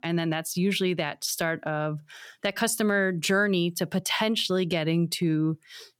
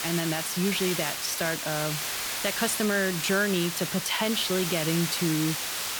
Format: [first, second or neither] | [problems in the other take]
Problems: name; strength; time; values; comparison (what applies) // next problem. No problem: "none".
first | hiss; loud; throughout; 2 dB below the speech